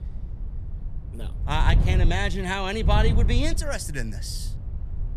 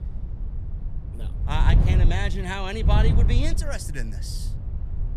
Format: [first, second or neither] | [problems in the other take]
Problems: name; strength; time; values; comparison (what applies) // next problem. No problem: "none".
first | wind noise on the microphone; heavy; 8 dB below the speech; occasional gusts in the first